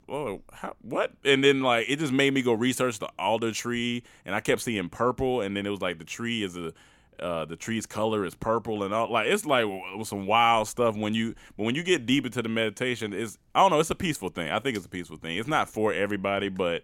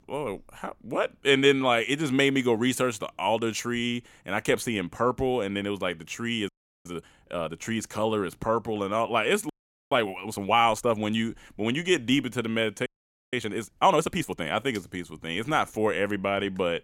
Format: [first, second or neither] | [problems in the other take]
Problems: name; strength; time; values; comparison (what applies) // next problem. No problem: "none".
first | audio freezing; at 6.5 s, at 9.5 s and at 13 s